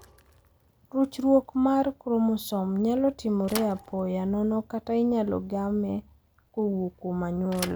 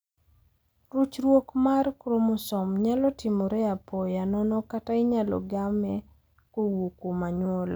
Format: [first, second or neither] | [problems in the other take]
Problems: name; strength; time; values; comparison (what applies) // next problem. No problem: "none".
second | background sound (Thump, thud / Bicycle); 20 dB below the speech